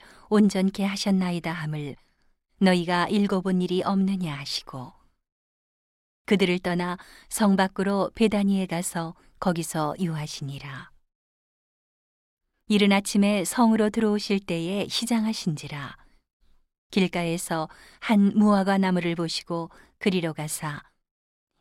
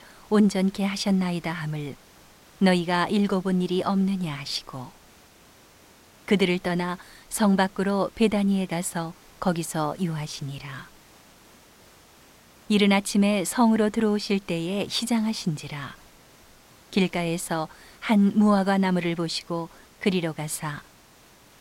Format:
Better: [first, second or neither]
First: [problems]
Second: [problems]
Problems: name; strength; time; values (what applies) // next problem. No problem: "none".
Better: first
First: none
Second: hiss; faint; throughout; 25 dB below the speech